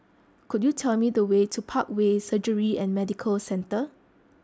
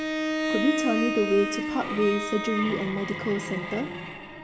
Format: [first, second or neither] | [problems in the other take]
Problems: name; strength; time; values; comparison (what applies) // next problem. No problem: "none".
first | background sound (Bowed string instrument); 2 dB below the speech // room echo; dies away in 2.5 s